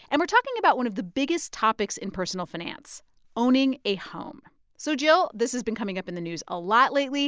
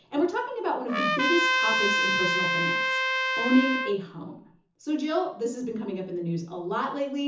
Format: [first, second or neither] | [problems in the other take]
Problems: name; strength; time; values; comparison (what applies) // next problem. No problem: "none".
first | background sound (Trumpet); 3 dB above the speech // room echo; dies away in 0.6 s